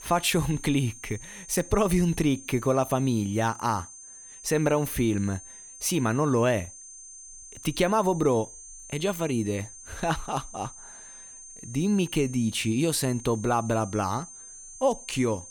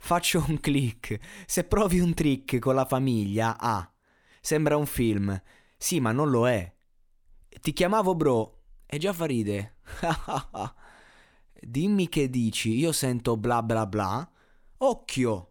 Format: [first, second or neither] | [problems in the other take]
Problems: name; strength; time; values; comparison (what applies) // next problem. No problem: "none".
second | high-pitched whine; noticeable; throughout; 6.5 kHz, 15 dB below the speech